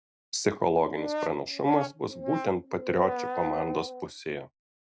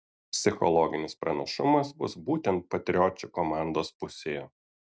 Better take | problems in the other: second | background sound (Brass instrument); 7 dB below the speech

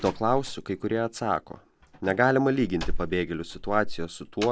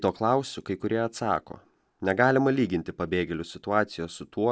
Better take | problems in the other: second | background sound (Slam); 7 dB below the speech

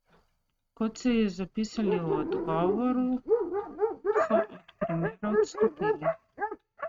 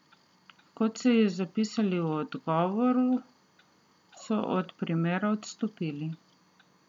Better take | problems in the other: second | noise reduction (neural mask model RNNoise)

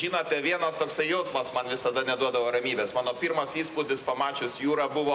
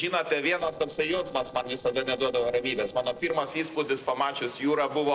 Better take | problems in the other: first | noise reduction (neural separator model SepFormer DNS4)

